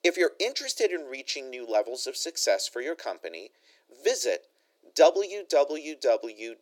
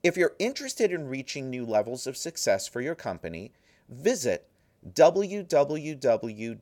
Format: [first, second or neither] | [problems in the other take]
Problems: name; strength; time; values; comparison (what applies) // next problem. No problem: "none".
second | thin; very; fading below 300 Hz